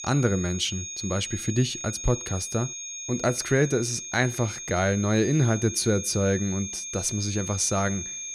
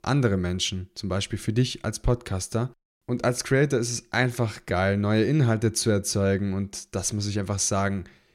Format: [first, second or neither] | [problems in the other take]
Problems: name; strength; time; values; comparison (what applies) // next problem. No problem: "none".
second | high-pitched whine; loud; throughout; 6.5 kHz, 7 dB below the speech